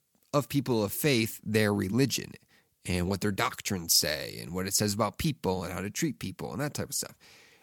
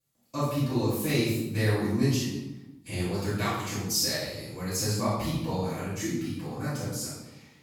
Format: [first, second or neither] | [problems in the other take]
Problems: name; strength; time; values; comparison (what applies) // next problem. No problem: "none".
first | off-mic speech; far // room echo; strong; dies away in 0.9 s